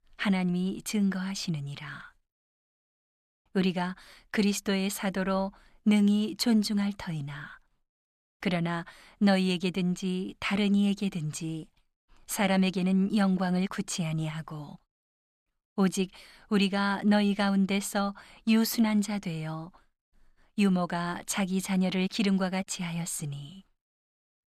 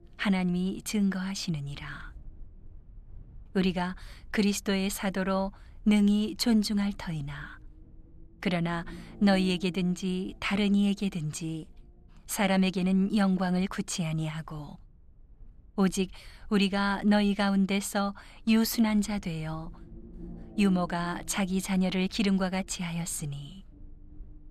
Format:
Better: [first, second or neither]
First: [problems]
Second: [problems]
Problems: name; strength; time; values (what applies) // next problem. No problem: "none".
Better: first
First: none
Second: low rumble; faint; throughout; 25 dB below the speech